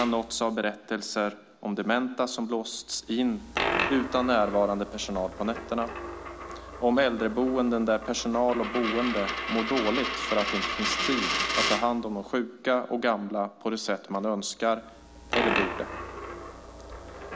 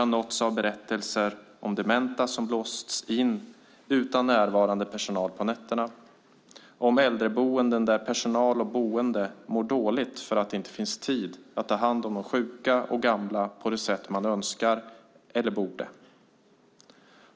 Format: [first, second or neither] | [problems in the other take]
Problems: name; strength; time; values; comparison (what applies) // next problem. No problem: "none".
second | background sound (Coin (dropping)); 5 dB below the speech